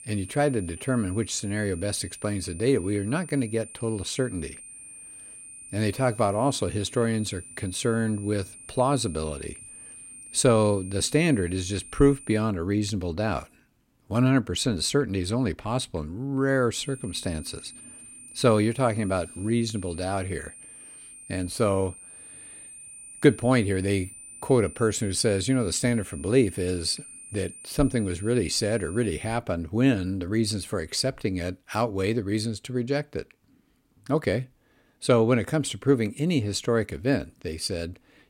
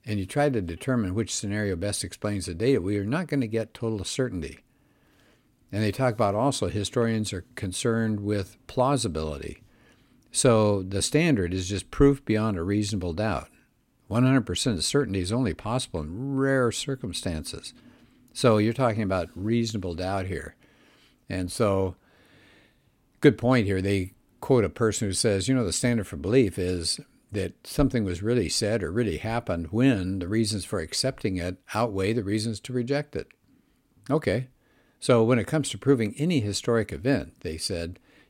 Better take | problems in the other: second | high-pitched whine; noticeable; until 12 s and from 17 to 29 s; 9 kHz, 15 dB below the speech

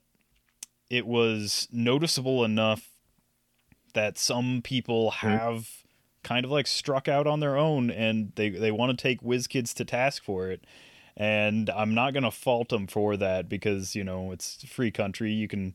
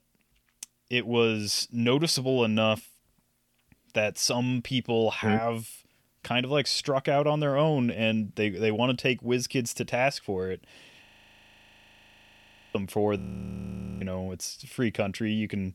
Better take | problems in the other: first | audio freezing; at 11 s for 1.5 s and at 13 s for 1 s

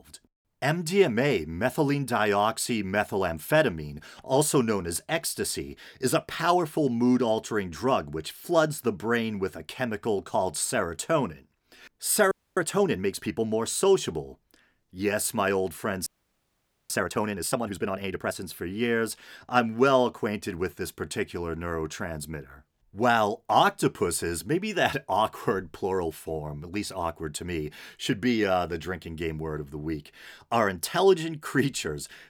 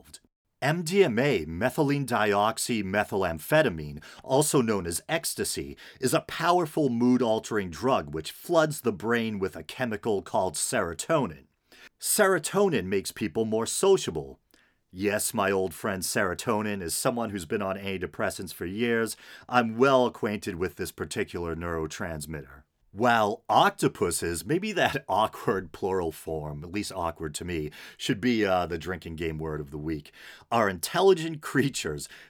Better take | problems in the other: second | audio freezing; at 12 s and at 16 s for 1 s

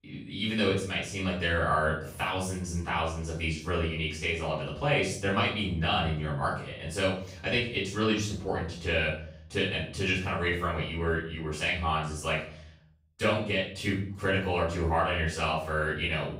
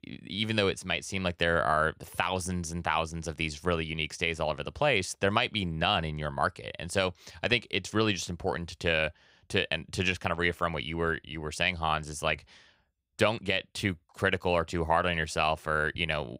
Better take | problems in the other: second | room echo; noticeable; dies away in 0.5 s // off-mic speech; far

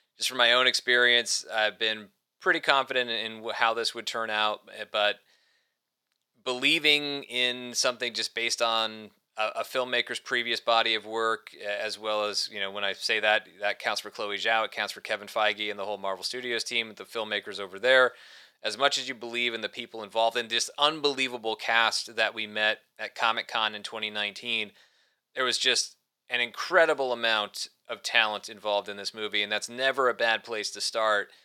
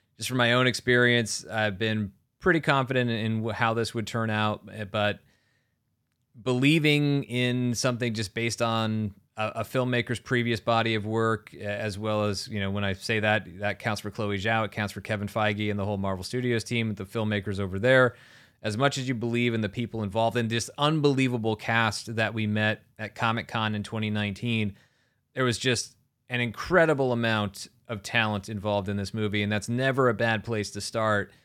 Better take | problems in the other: second | thin; very; fading below 600 Hz

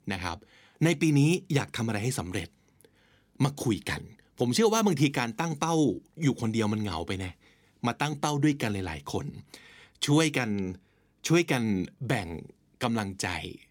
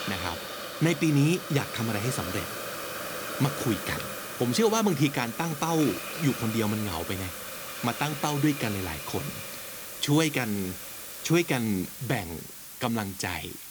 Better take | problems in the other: first | hiss; loud; throughout; 7 dB below the speech

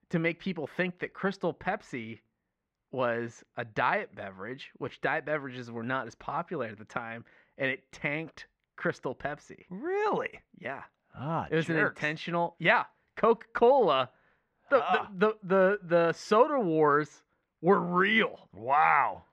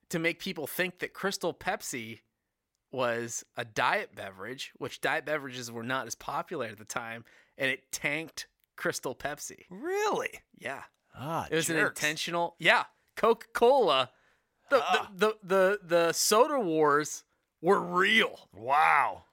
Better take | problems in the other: second | muffled; very; fading above 2.5 kHz

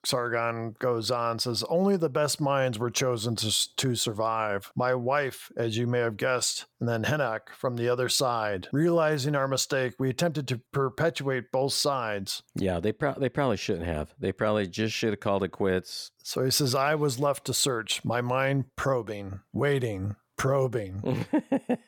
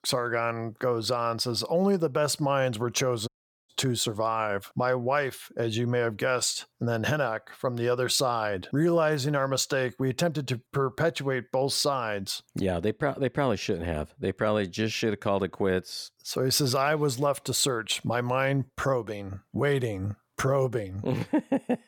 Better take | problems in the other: first | audio cutting out; at 3.5 s

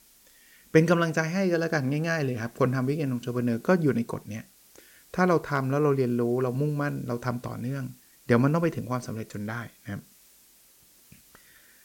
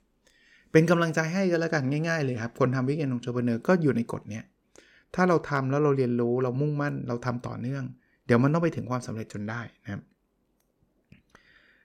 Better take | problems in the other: second | hiss; faint; throughout; 25 dB below the speech

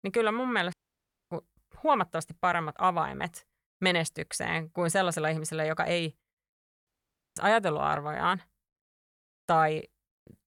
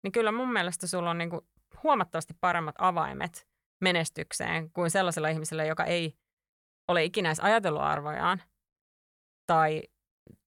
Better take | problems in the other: second | audio cutting out; at 0.5 s for 0.5 s and at 7 s

